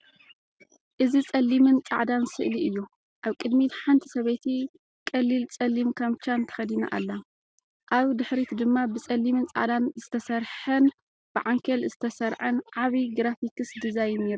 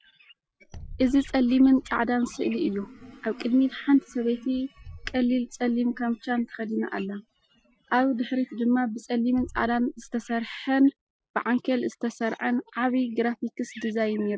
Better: first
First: none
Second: noise reduction (classical method Wiener filter)

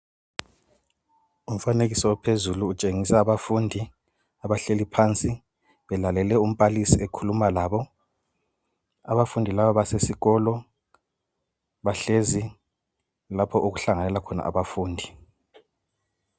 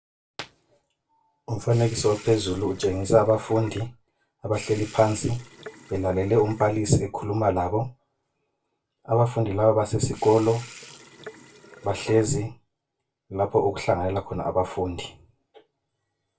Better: first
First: none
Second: background sound (Sink (filling or washing) / Water tap, faucet); 19 dB below the speech // room echo; dies away in 0.2 s

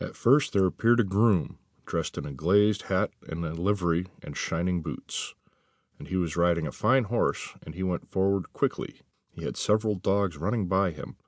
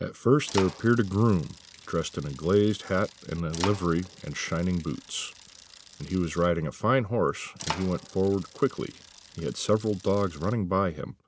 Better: first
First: none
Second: background sound (Bicycle); 15 dB below the speech

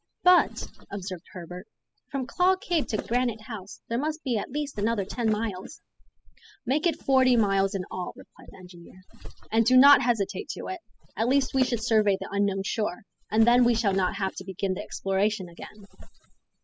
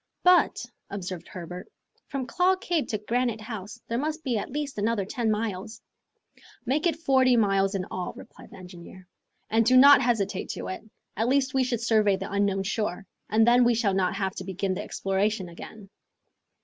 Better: second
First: noise reduction (classical method spectral subtraction)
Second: none

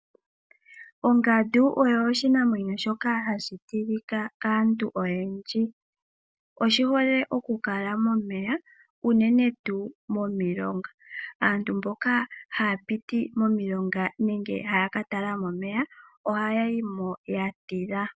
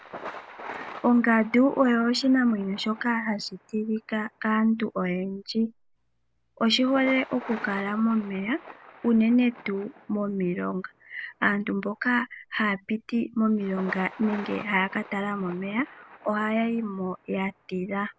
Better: first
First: none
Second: background sound (Thunder); 19 dB below the speech

